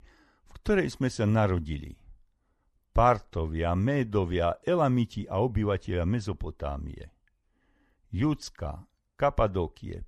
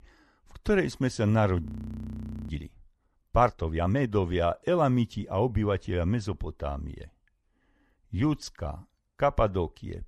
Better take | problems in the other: first | audio freezing; at 1.5 s for 1 s

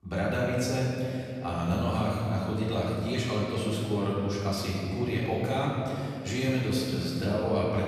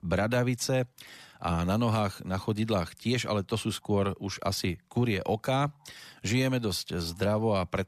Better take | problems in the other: second | off-mic speech; far // room echo; strong; dies away in 2.6 s

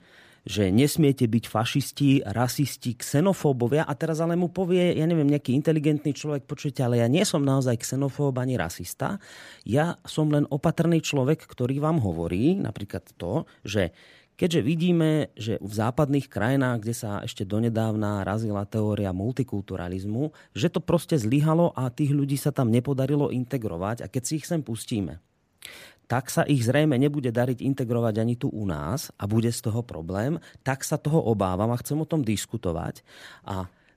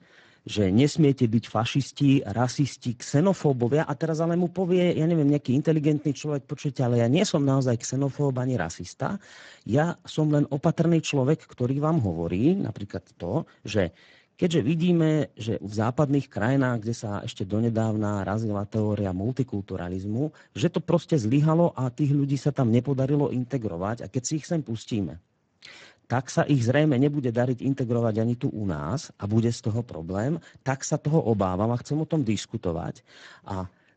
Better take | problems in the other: first | garbled, watery; badly; nothing above 7.5 kHz

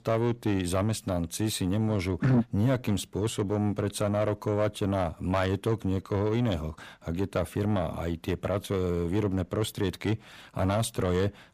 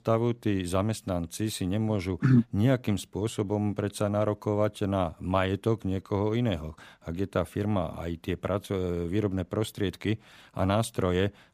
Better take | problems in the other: second | distortion; slight; 10 dB below the speech

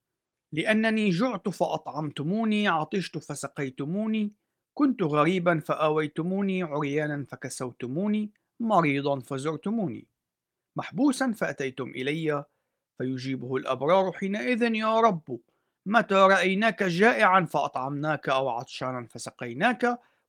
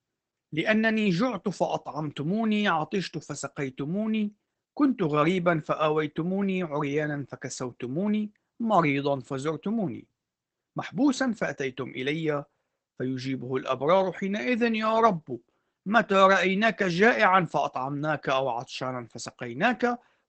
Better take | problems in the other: first | garbled, watery; badly; nothing above 8 kHz; slightly in the first

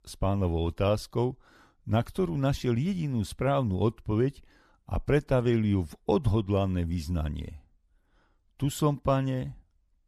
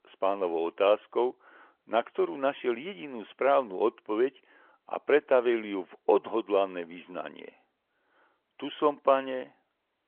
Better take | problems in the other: first | phone-call audio

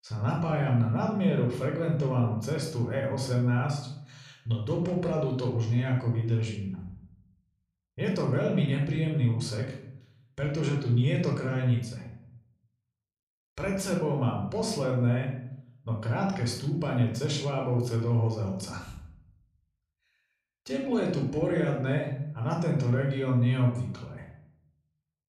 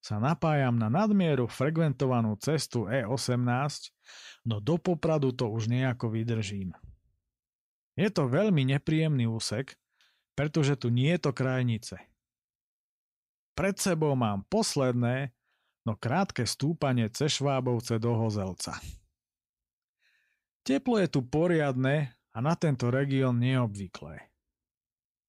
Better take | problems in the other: second | off-mic speech; somewhat distant // room echo; noticeable; dies away in 0.6 s

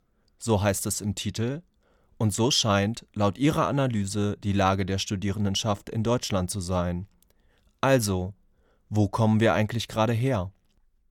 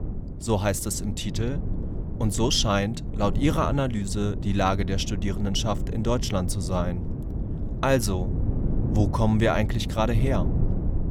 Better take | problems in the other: first | wind noise on the microphone; occasional gusts; 10 dB below the speech

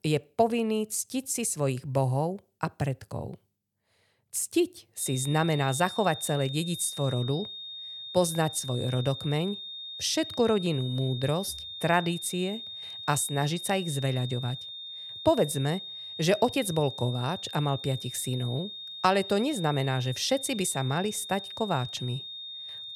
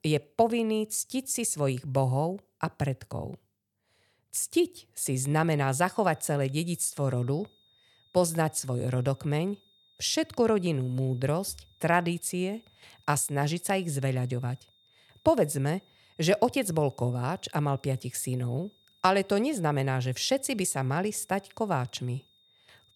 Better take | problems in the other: second | high-pitched whine; loud; from 5 s on; 3.5 kHz, 9 dB below the speech; faint in the second

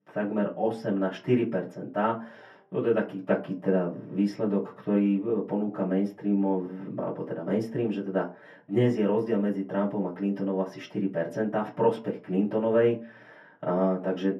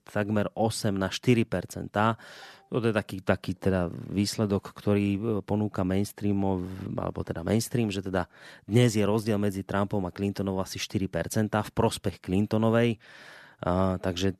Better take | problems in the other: second | room echo; slight; dies away in 0.3 s // off-mic speech; far

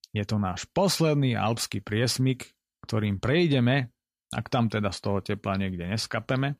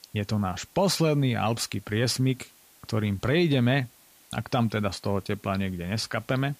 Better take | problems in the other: first | hiss; faint; throughout; 25 dB below the speech

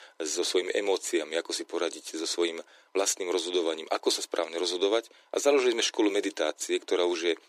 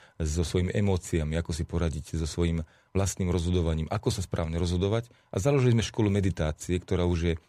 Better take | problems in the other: second | thin; very; fading below 300 Hz

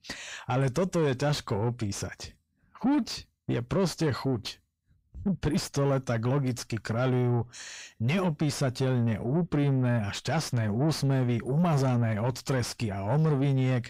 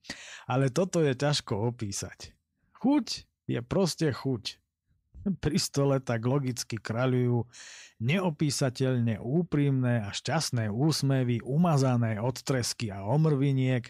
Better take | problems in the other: second | distortion; slight; 10 dB below the speech

